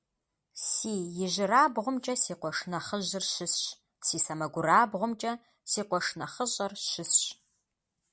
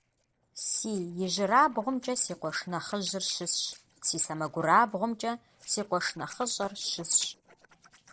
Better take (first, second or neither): first